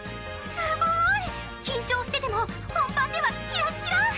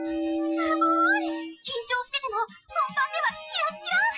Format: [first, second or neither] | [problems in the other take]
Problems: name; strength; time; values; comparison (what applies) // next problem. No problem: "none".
first | noise reduction (classical method Wiener filter)